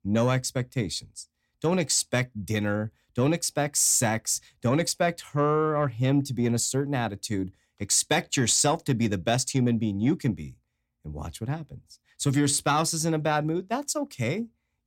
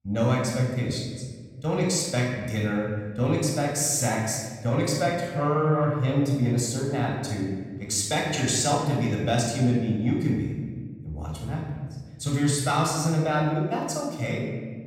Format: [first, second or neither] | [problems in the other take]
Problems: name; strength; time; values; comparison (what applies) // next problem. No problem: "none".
first | room echo; noticeable; dies away in 1.5 s // off-mic speech; somewhat distant